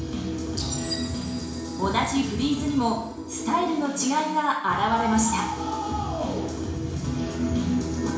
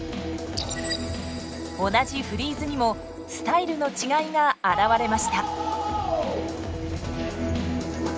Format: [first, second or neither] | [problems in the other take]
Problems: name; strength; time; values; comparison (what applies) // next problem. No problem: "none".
second | room echo; dies away in 0.7 s